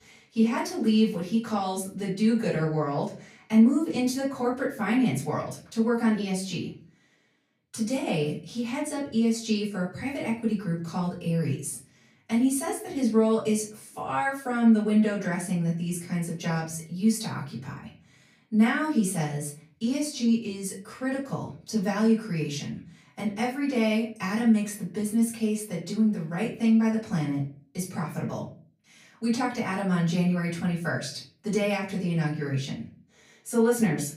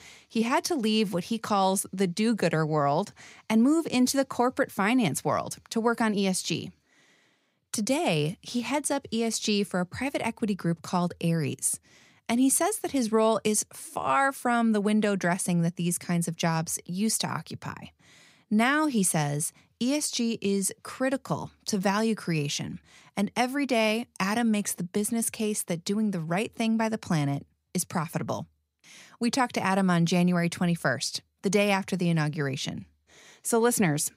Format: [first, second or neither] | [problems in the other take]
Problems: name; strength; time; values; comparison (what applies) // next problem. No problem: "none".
second | off-mic speech; far // room echo; slight; dies away in 0.4 s